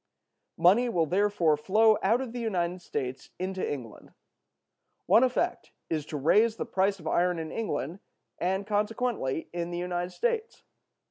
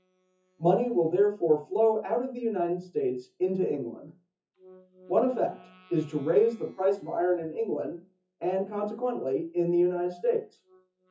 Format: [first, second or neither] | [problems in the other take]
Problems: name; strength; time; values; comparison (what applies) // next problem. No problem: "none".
first | noise reduction (classical method WPE with log-MMSE)